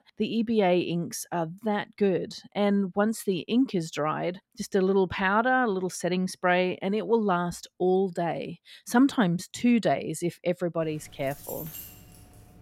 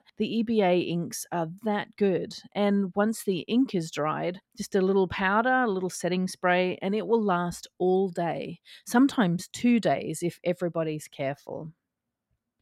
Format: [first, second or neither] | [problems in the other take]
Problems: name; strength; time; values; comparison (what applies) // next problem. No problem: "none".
second | jangling keys; faint; from 11 s on; peak 10 dB below the speech